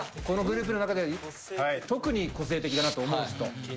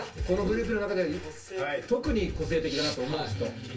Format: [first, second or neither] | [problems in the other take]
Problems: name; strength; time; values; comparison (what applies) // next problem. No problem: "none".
first | room echo; dies away in 0.2 s